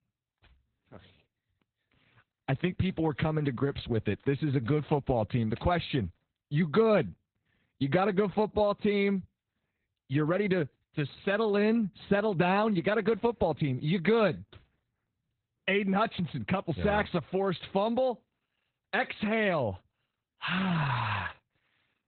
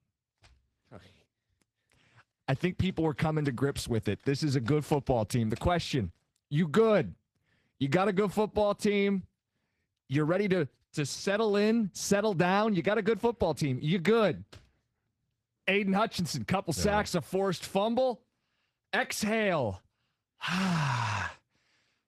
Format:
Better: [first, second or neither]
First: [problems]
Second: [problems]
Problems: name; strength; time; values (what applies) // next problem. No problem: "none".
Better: second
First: garbled, watery; badly; nothing above 4 kHz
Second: garbled, watery; slightly; nothing above 14.5 kHz